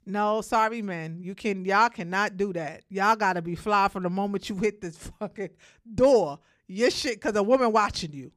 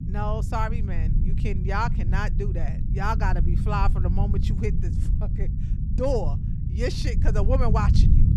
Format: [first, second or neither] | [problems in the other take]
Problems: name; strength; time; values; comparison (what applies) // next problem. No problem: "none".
first | low rumble; loud; throughout; 9 dB below the speech